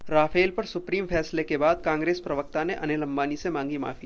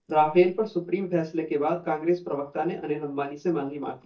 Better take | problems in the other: first | noise reduction (neural mask model DeepFilterNet 3)

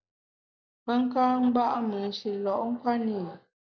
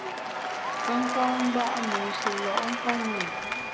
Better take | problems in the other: first | background sound (Applause / Crowd / Cheering); as loud as the speech

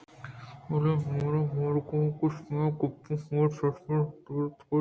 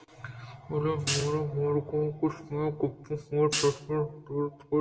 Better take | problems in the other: first | background sound (Hi-hat); 6 dB below the speech // room echo; dies away in 0.4 s

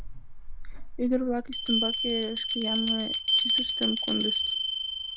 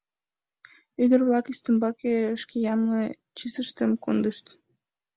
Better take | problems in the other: second | background sound (Bell); 3 dB above the speech

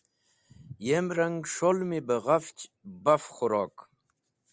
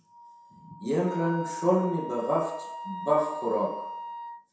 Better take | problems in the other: first | background sound (Wind instrument, woodwind instrument); 9 dB below the speech // room echo; dies away in 0.7 s

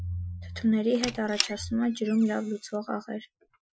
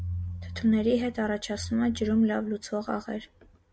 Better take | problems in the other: second | noise reduction (classical method Wiener filter)

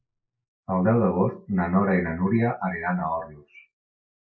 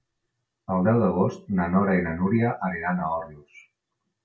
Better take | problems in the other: second | noise reduction (neural mask model Resemble Enhance denoiser)

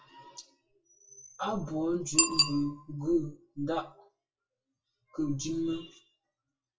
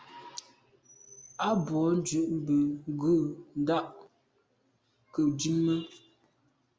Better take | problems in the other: second | noise reduction (classical method WPE with log-MMSE)

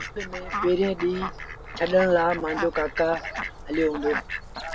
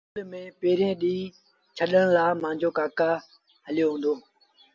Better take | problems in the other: second | background sound (Fowl); 8 dB below the speech

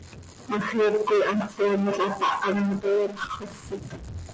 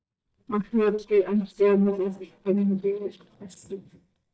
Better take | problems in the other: first | noise reduction (neural mask model DeepFilterNet 3)

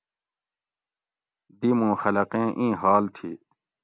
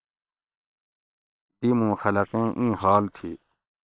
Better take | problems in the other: first | noise reduction (neural separator model SepFormer WHAM!)

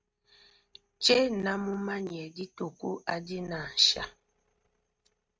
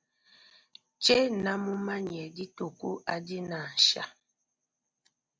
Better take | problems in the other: second | noise reduction (neural mask model RNNoise)

